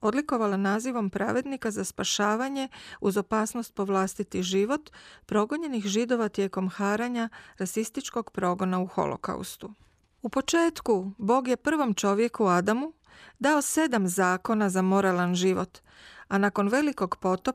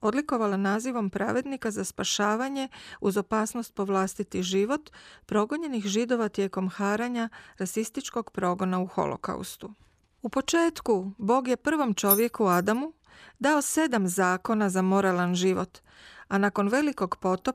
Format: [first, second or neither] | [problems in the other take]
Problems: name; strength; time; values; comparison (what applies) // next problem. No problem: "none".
first | jangling keys; loud; at 12 s; peak 3 dB above the speech